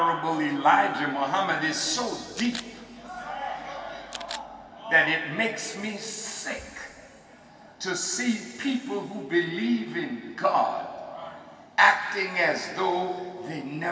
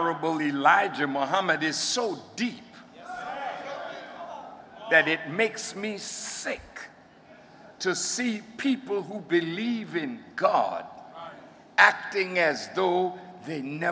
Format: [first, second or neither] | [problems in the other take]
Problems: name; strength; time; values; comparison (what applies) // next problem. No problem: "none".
second | background sound (Camera); 17 dB below the speech // room echo; dies away in 2.4 s